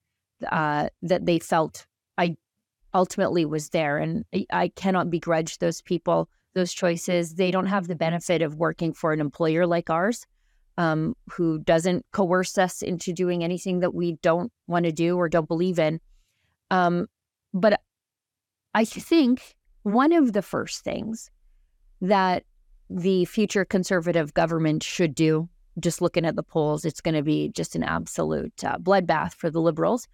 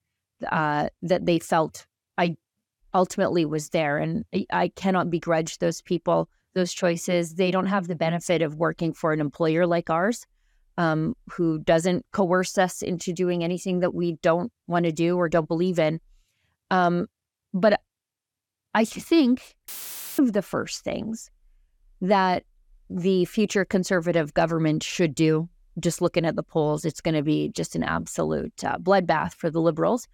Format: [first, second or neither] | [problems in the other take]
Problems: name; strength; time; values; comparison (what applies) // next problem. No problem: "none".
first | audio cutting out; filled with static; at 20 s for 0.5 s